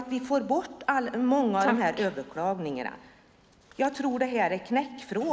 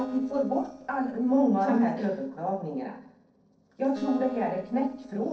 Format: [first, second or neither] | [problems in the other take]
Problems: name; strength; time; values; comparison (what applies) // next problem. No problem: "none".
first | noise reduction (neural separator model SepFormer DNS4)